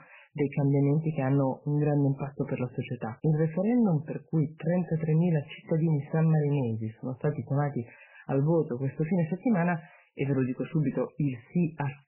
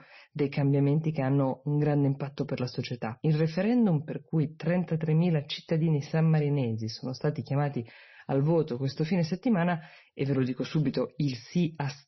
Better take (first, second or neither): second